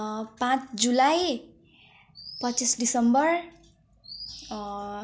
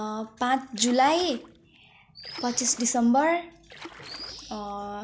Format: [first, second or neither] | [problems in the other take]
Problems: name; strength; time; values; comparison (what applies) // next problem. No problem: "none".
first | background sound (Splash, splatter); 20 dB below the speech